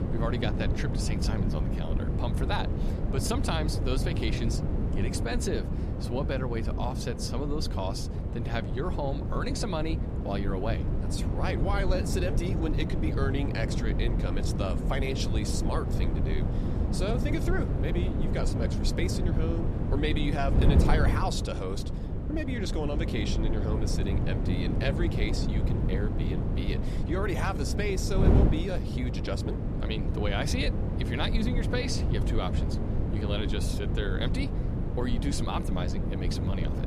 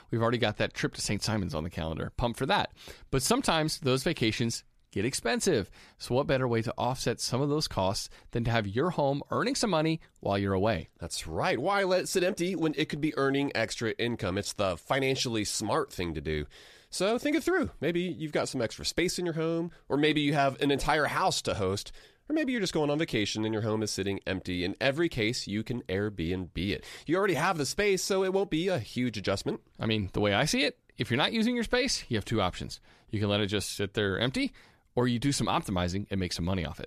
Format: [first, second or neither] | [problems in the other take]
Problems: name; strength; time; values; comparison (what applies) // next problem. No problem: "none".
second | wind noise on the microphone; heavy; 4 dB below the speech